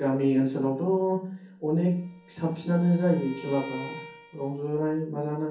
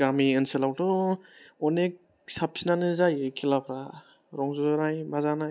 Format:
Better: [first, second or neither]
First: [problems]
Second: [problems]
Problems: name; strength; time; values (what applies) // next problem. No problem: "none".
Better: second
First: background sound (Bowed string instrument); 18 dB below the speech // room echo; dies away in 0.6 s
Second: none